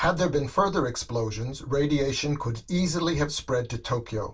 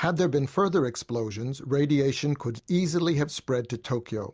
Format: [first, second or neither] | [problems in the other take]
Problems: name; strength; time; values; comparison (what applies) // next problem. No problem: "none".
second | room echo; dies away in 0.2 s